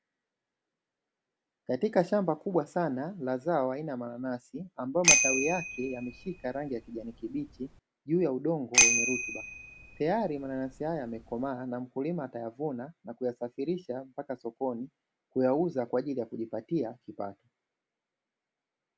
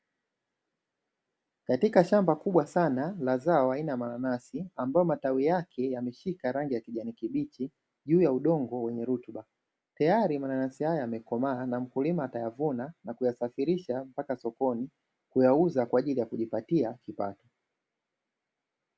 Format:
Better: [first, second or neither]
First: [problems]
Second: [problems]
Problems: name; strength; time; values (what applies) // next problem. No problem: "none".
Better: second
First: background sound (Bicycle bell); 3 dB above the speech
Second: none